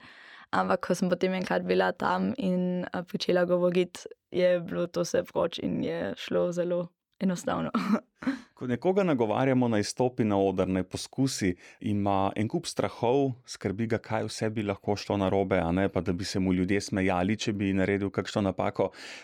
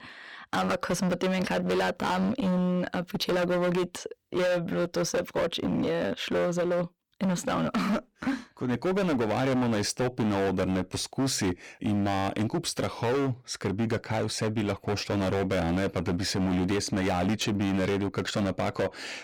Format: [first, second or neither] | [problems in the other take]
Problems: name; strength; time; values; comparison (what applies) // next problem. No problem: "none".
first | distortion; heavy; 23% of the sound clipped